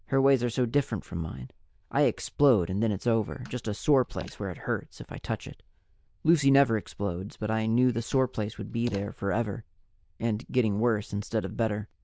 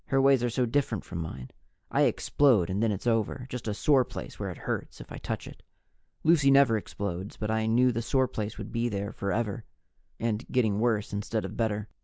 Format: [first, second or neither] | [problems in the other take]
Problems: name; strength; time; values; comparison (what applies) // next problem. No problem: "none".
second | noise reduction (neural diffusion model UNIVERSE++)